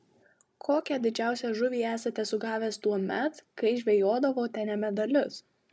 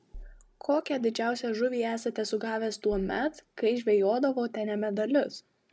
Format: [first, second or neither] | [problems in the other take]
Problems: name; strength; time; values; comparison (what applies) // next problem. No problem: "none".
first | background sound (Bass drum); 19 dB below the speech